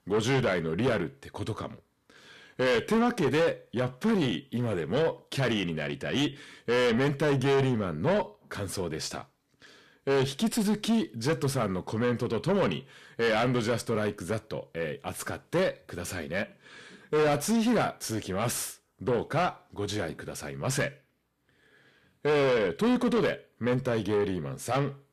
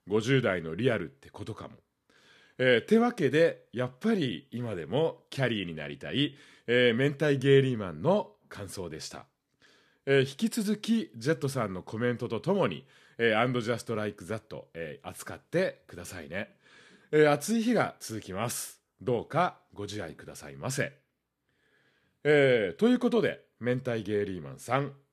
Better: second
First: distortion; heavy; 6 dB below the speech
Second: none

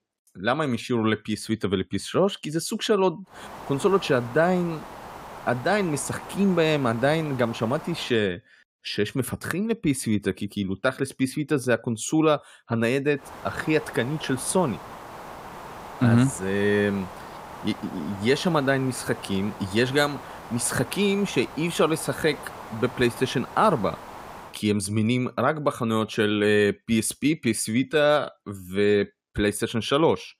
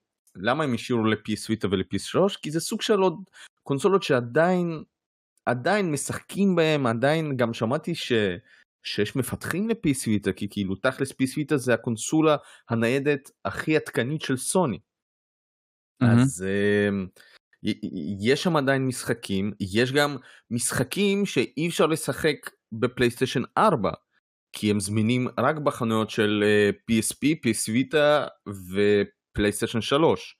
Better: second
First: hiss; noticeable; from 3.5 to 8 s and from 13 to 25 s; 15 dB below the speech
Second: none

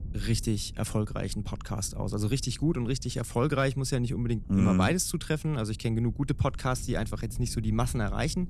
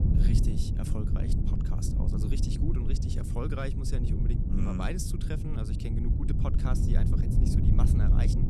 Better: first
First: low rumble; faint; throughout; 25 dB below the speech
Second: low rumble; loud; throughout; as loud as the speech

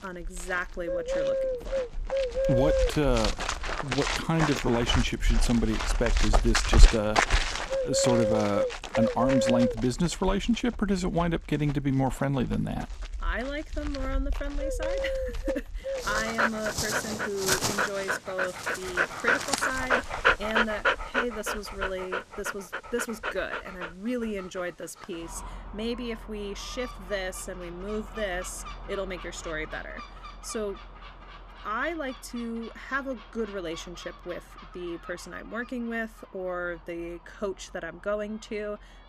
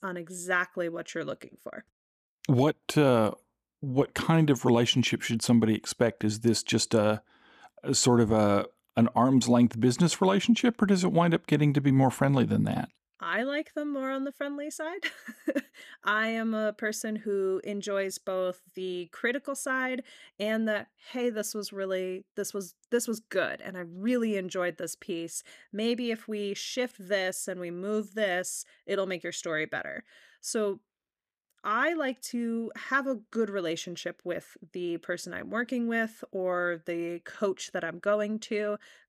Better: second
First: animal sounds; very loud; throughout; 2 dB above the speech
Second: none

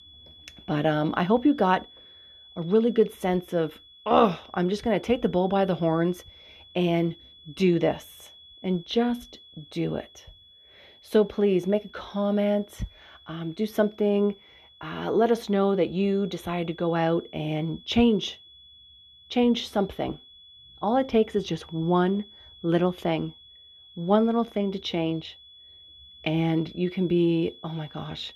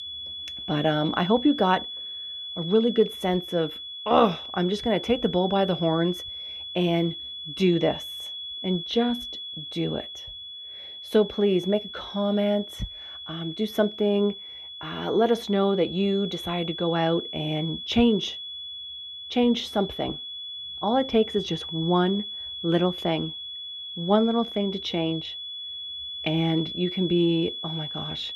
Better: first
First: high-pitched whine; faint; throughout; 3.5 kHz, 25 dB below the speech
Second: high-pitched whine; loud; throughout; 3.5 kHz, 9 dB below the speech

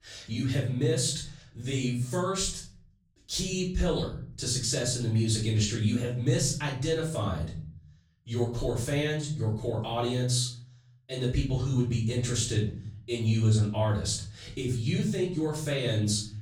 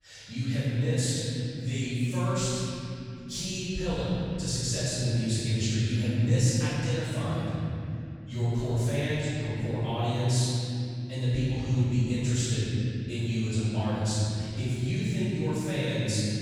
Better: first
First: room echo; slight; dies away in 0.5 s // off-mic speech; far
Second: room echo; strong; dies away in 3 s // off-mic speech; far

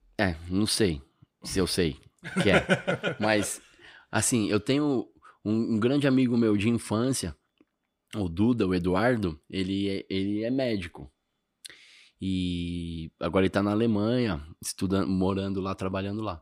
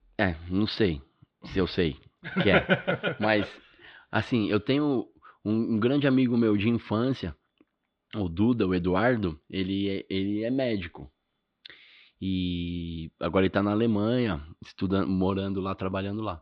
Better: first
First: none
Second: muffled; slightly; fading above 4 kHz

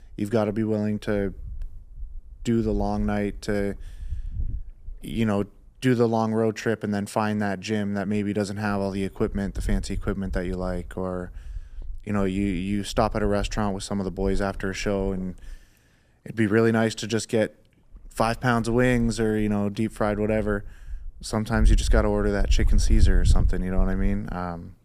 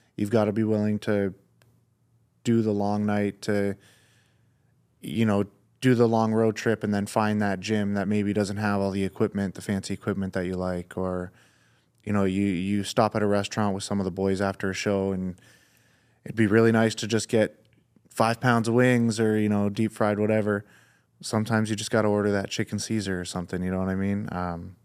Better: second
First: wind noise on the microphone; occasional gusts; 20 dB below the speech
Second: none

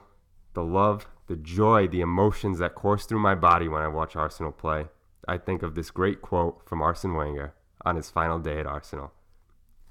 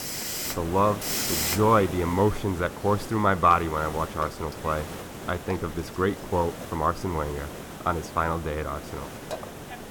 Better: first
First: none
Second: hiss; loud; throughout; 7 dB below the speech

